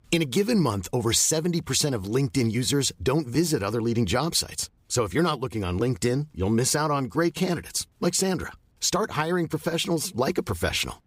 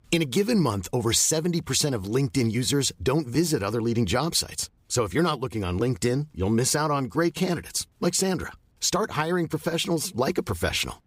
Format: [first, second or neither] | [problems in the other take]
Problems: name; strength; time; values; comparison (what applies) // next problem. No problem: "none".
neither | none